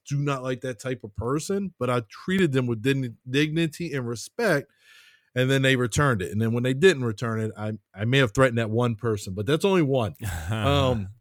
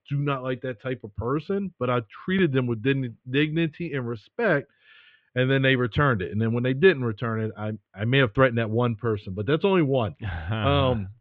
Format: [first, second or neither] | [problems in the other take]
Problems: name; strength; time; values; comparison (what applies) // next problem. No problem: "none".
first | muffled; very; fading above 3.5 kHz